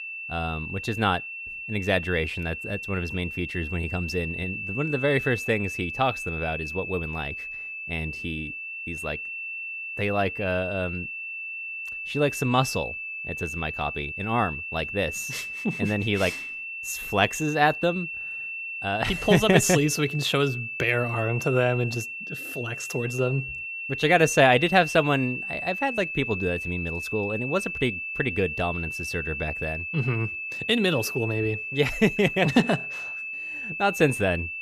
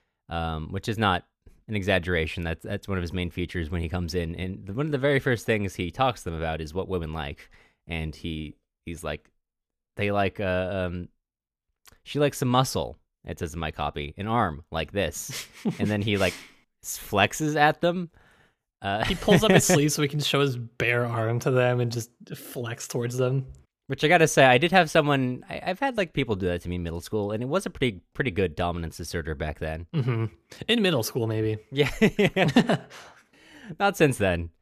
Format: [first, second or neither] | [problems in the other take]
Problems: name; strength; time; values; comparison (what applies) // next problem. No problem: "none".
second | high-pitched whine; loud; throughout; 2.5 kHz, 6 dB below the speech